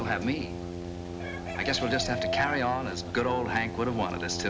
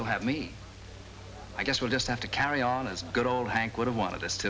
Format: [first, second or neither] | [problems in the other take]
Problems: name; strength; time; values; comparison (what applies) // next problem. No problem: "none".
second | background sound (Brass instrument + Chicken, rooster); 5 dB below the speech